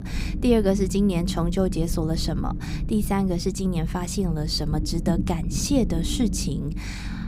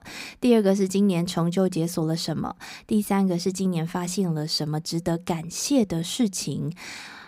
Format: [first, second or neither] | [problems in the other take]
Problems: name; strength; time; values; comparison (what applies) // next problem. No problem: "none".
second | low rumble; noticeable; throughout; 10 dB below the speech